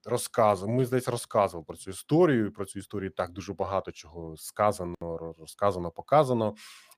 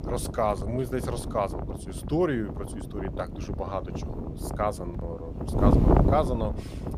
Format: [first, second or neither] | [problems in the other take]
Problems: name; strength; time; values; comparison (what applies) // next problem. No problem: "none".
first | wind noise on the microphone; heavy; 5 dB below the speech